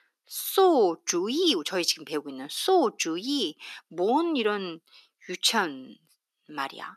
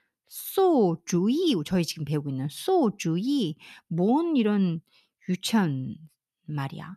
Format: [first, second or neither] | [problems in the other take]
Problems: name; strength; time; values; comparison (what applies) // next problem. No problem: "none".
second | thin; somewhat; fading below 300 Hz